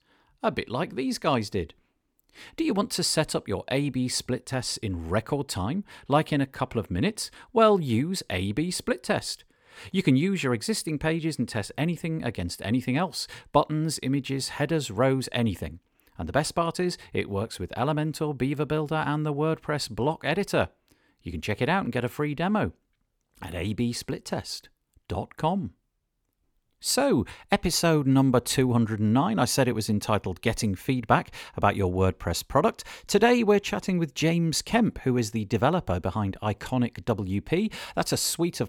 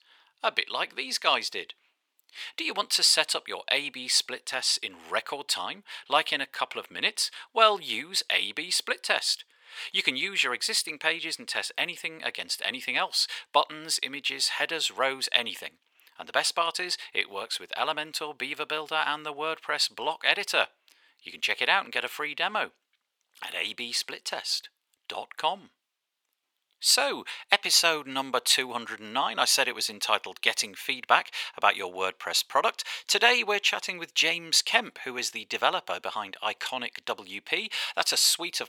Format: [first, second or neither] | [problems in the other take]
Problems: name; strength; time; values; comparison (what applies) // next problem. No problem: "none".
first | thin; very; fading below 800 Hz